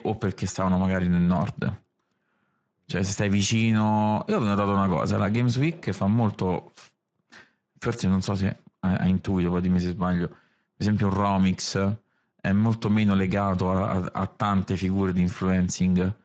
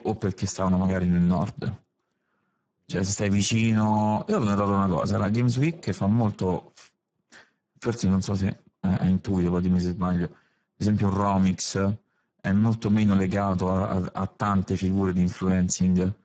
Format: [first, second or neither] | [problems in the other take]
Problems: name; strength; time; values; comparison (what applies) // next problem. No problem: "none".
first | garbled, watery; badly; nothing above 7.5 kHz; slightly in the first